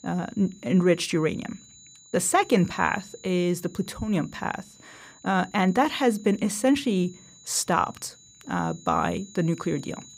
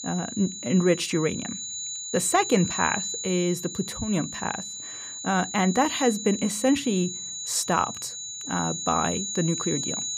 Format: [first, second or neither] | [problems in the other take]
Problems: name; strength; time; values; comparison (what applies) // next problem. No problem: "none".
first | high-pitched whine; loud; throughout; 7 kHz, 6 dB below the speech; faint in the first